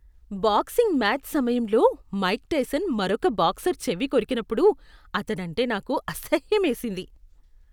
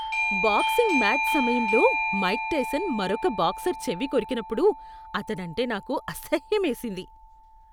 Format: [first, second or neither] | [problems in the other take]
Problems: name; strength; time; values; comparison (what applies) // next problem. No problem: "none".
first | background sound (Doorbell); 3 dB below the speech